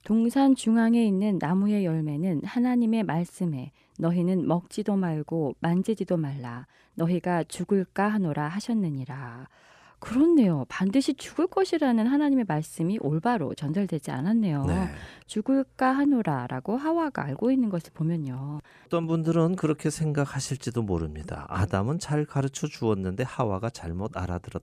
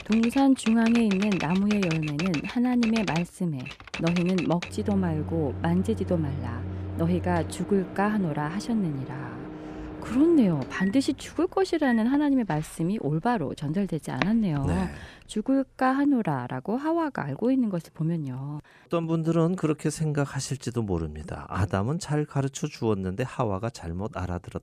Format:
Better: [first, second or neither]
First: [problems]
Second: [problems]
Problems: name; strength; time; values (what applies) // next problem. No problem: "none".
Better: first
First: none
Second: household noises; loud; until 16 s; 9 dB below the speech